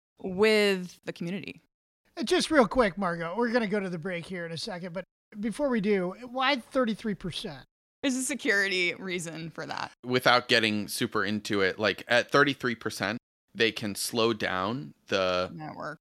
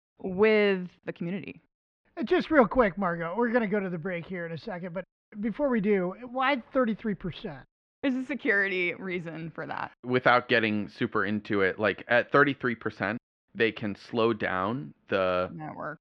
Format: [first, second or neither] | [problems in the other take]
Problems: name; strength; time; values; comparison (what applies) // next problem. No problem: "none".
first | muffled; very; fading above 2.5 kHz